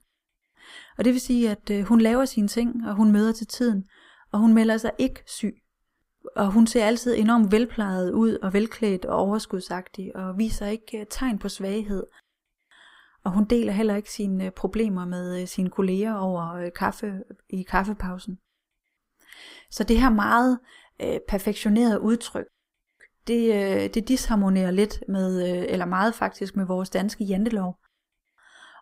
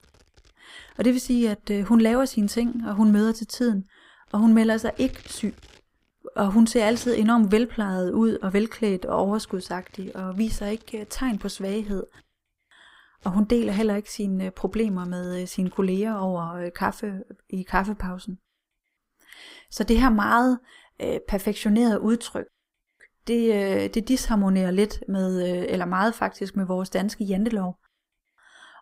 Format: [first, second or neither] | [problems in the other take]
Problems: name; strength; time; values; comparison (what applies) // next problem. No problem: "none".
first | household noises; faint; until 16 s; 25 dB below the speech